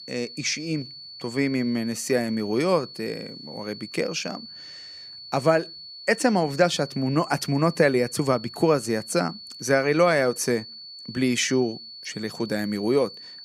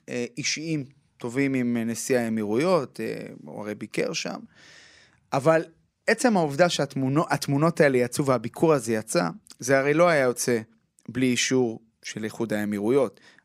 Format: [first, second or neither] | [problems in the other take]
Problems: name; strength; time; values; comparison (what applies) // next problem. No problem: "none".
second | high-pitched whine; noticeable; throughout; 4.5 kHz, 15 dB below the speech